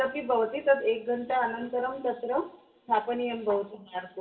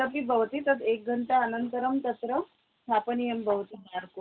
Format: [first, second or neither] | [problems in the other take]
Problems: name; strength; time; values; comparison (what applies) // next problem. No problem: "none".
second | room echo; dies away in 0.5 s